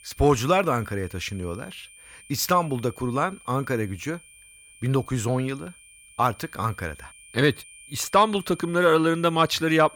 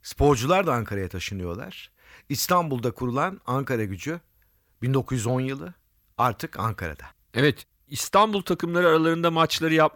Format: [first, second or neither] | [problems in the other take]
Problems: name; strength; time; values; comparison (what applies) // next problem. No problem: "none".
second | high-pitched whine; faint; throughout; 2.5 kHz, 20 dB below the speech